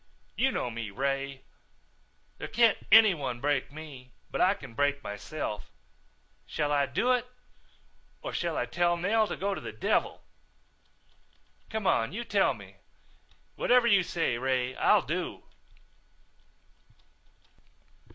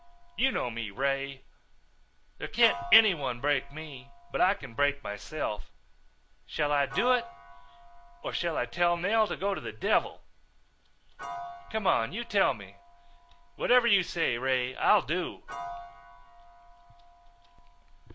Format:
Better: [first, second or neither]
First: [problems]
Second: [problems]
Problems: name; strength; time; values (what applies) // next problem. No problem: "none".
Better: first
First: none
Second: background sound (Piano); 16 dB below the speech